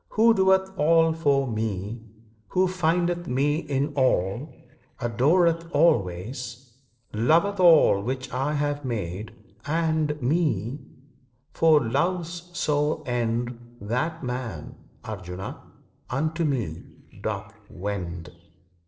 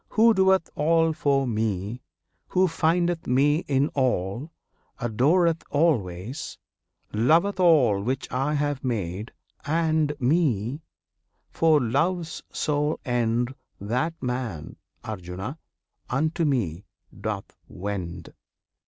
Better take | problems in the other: second | noise reduction (neural separator model SepFormer DNS4)

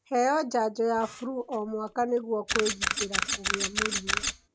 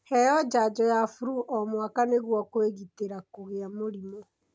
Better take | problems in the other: second | background sound (Camera); 2 dB below the speech

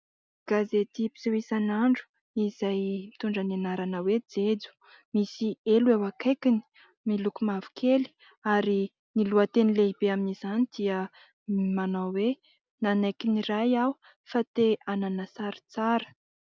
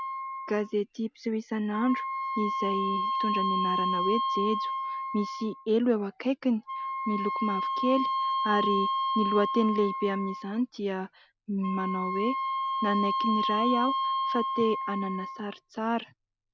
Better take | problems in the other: first | background sound (Wind instrument, woodwind instrument); 1 dB below the speech

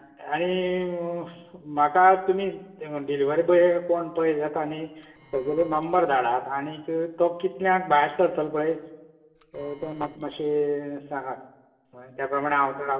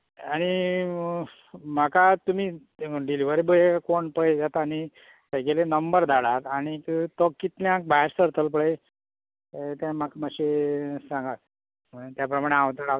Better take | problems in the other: second | noise reduction (neural separator model SepFormer DNS4)

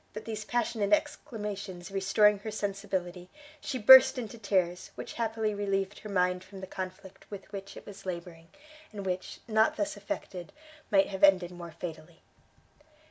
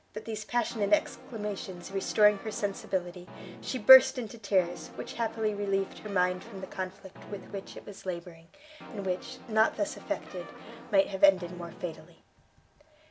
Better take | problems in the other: first | background sound (Brass instrument); 16 dB below the speech

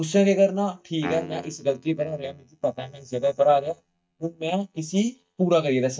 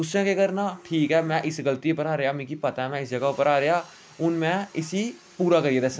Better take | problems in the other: second | noise reduction (neural mask model DeepFilterNet 3)

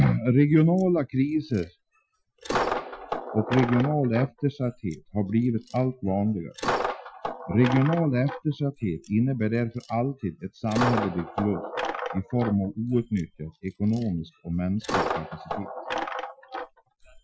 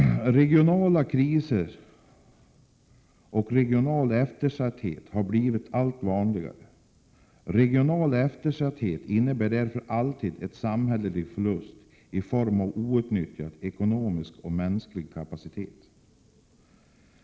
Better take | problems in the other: second | noise reduction (classical method Wiener filter)

